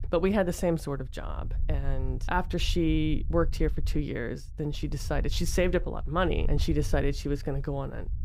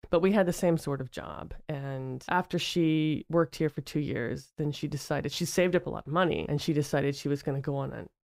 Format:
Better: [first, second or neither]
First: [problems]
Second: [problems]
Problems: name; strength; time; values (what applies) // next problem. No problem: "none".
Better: second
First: low rumble; faint; throughout; 25 dB below the speech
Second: none